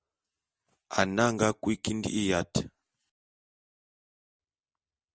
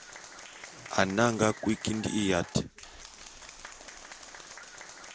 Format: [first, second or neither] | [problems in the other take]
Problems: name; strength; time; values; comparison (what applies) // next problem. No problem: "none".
first | background sound (Applause); 14 dB below the speech